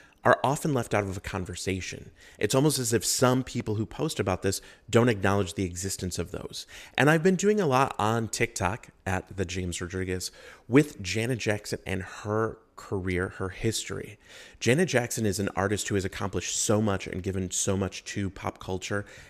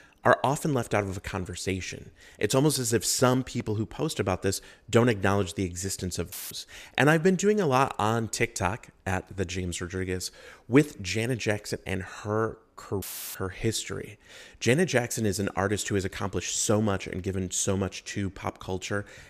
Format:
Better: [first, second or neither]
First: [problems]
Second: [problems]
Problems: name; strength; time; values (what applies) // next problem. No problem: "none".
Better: first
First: none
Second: audio cutting out; filled with static; at 6.5 s and at 13 s